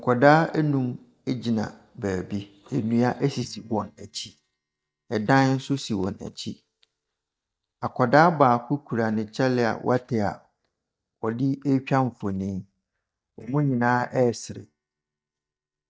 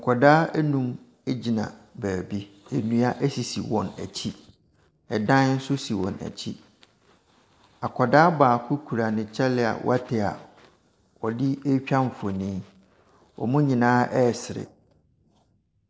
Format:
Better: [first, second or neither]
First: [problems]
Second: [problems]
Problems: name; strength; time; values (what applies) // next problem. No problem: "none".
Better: second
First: noise reduction (neural mask model DeepFilterNet 3)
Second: none